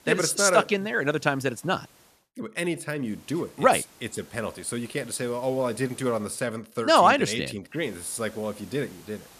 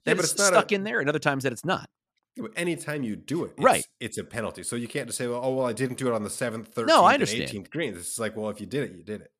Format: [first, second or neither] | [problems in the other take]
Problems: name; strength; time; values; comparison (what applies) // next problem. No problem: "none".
second | hiss; faint; until 2 s, from 3 to 6.5 s and from 8 s on; 25 dB below the speech